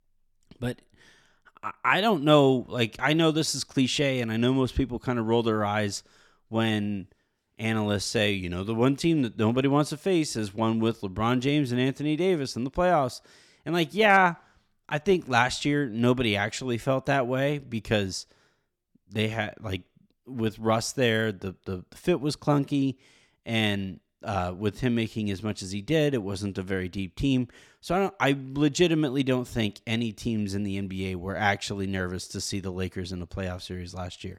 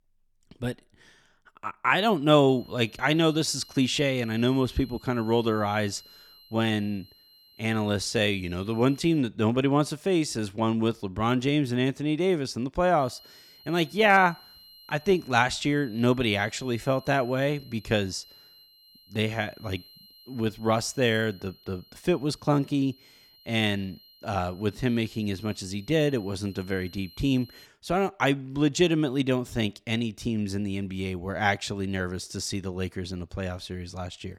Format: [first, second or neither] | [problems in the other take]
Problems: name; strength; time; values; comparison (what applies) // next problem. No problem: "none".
first | high-pitched whine; faint; from 2.5 to 9 s and from 13 to 28 s; 4 kHz, 25 dB below the speech